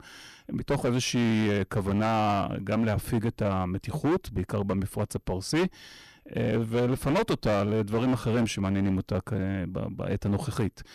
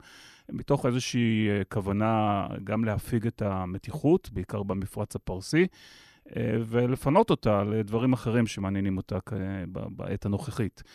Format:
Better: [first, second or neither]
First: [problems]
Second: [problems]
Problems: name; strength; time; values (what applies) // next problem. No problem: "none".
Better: second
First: distortion; heavy; 14% of the sound clipped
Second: none